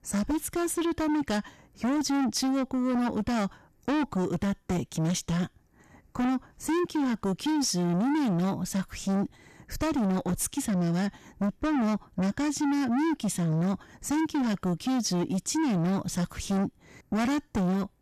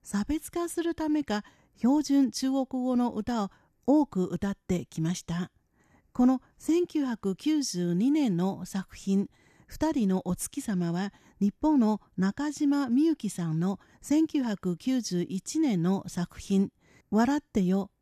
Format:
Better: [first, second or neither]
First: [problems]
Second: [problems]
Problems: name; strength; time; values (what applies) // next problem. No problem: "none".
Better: second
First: distortion; heavy; 6 dB below the speech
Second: none